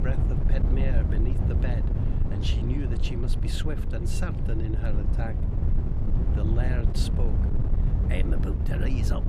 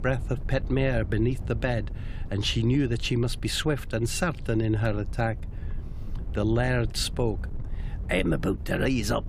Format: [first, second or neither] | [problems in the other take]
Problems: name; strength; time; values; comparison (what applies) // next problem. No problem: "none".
second | wind noise on the microphone; heavy; 2 dB below the speech; occasional gusts in the second